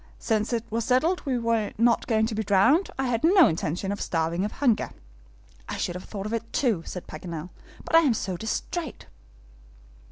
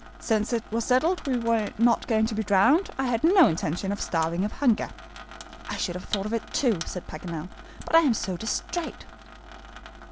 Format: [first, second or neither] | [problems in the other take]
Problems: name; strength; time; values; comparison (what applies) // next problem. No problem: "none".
first | background sound (Sink (filling or washing) / Water tap, faucet); 17 dB below the speech